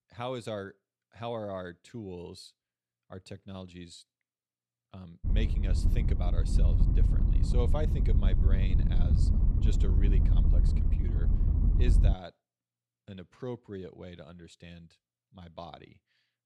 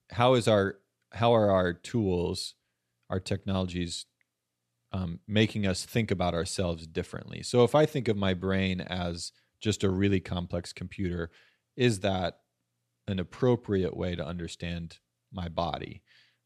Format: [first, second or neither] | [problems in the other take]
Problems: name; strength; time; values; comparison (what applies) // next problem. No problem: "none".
second | low rumble; loud; from 5.5 to 12 s; 2 dB below the speech